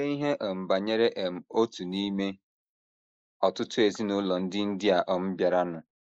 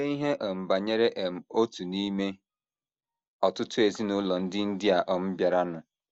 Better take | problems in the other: second | noise reduction (neural mask model Resemble Enhance denoiser)

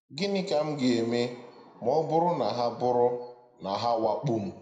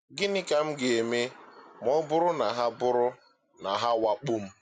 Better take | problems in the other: second | room echo; dies away in 0.8 s

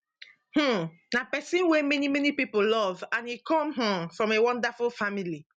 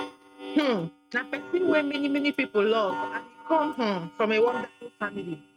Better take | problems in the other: first | noise reduction (neural mask model RNNoise)

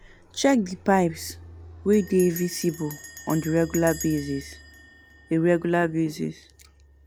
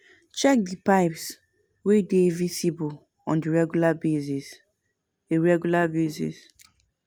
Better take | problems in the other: second | background sound (Bell + Fixed-wing aircraft, airplane); 17 dB below the speech

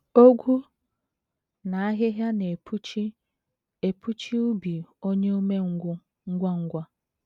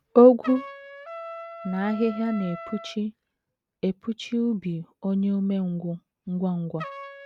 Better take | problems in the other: first | background sound (Trumpet); 17 dB below the speech

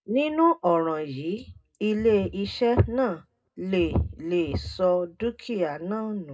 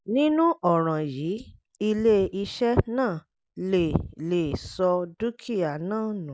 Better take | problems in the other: second | room echo; dies away in 0.2 s

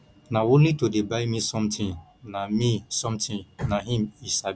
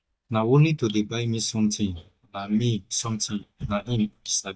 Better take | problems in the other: first | noise reduction (neural mask model DeepFilterNet 3)

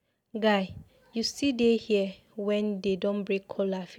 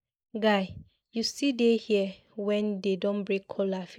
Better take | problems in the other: first | noise reduction (neural mask model Resemble Enhance denoiser)

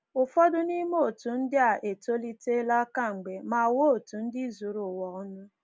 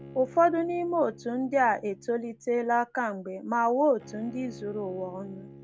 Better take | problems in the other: first | background sound (Bowed string instrument); 20 dB below the speech

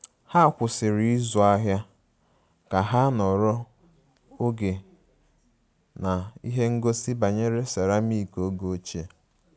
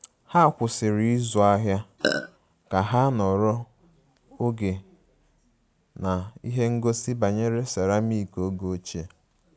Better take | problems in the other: first | background sound (Burping, eructation); 1 dB below the speech

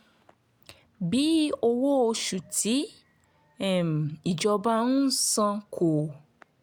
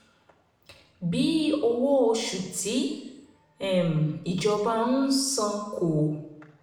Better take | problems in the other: first | room echo; dies away in 0.8 s

